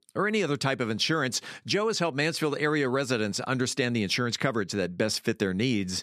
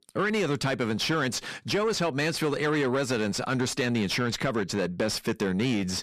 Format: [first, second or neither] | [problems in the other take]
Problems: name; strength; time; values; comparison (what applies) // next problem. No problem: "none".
first | distortion; slight; 10 dB below the speech